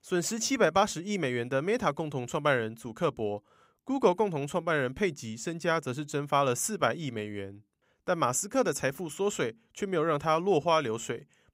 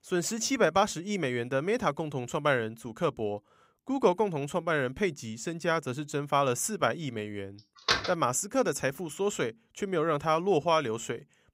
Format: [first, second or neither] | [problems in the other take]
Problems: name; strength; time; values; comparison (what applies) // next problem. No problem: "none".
first | door banging; loud; at 8 s; peak 1 dB above the speech